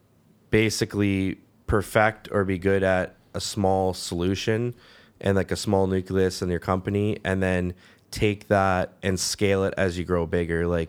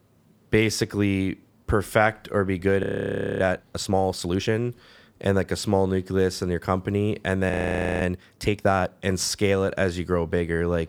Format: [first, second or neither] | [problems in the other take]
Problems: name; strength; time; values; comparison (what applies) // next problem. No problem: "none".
first | audio freezing; at 3 s for 0.5 s and at 7.5 s for 0.5 s